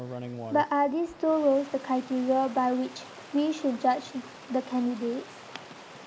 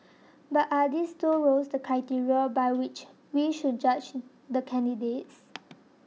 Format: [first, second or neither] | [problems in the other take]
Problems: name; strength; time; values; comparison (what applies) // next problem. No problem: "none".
second | background sound (Stream); 15 dB below the speech